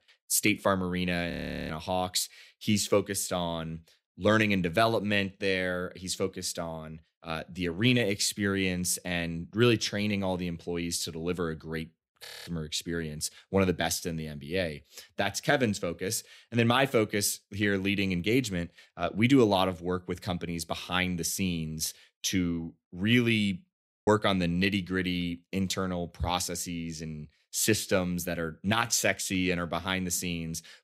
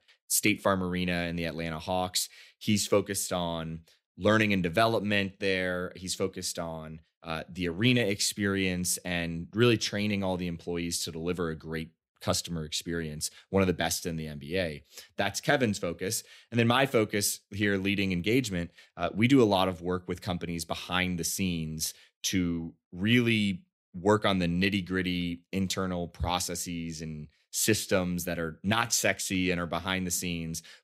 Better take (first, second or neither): second